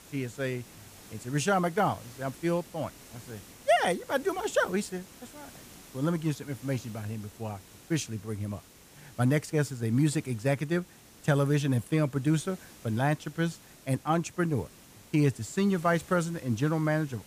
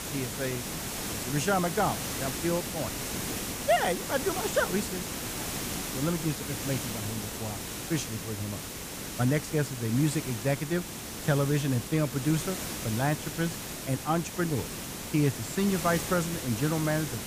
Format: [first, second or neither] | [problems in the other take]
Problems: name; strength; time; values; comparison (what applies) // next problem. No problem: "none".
first | hiss; loud; throughout; 4 dB below the speech; faint in the first